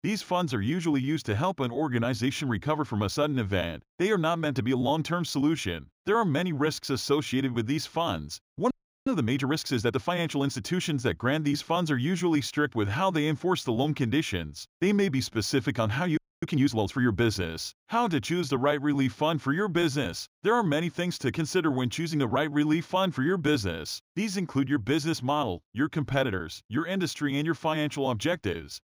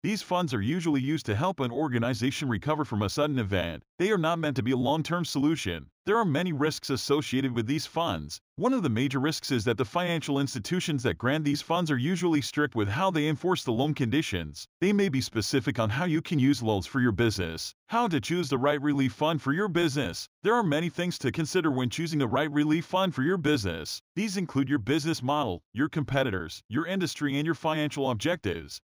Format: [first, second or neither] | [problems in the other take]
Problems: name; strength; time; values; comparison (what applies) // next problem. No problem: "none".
second | audio freezing; at 8.5 s and at 16 s